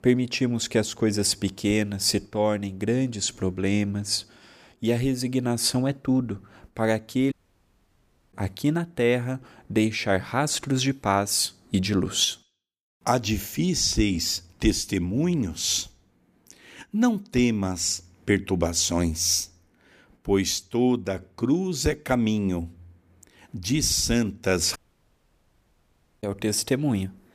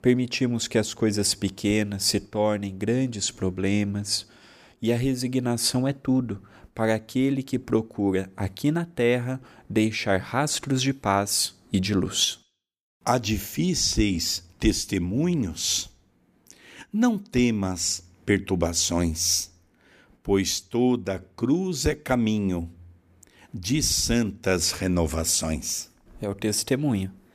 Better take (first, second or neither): second